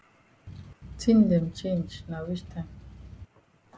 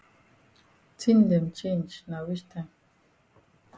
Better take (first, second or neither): second